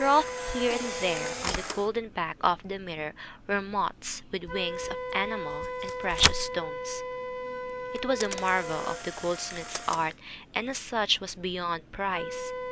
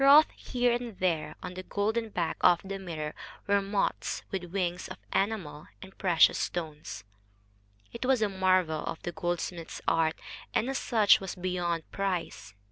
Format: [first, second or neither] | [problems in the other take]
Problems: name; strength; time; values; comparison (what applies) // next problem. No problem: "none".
second | background sound (Camera + Wind instrument, woodwind instrument); 4 dB below the speech